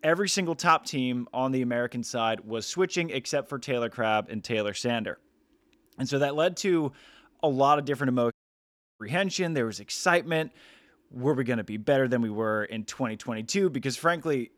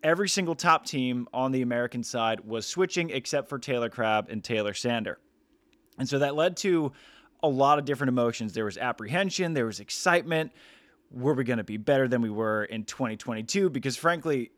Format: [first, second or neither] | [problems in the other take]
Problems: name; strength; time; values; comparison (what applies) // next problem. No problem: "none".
second | audio cutting out; at 8.5 s for 0.5 s